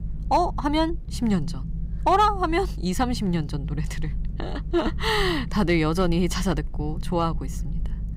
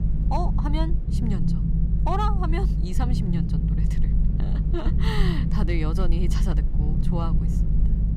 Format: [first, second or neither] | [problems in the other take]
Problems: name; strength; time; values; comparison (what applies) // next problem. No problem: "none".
first | low rumble; loud; throughout; 5 dB below the speech; faint in the first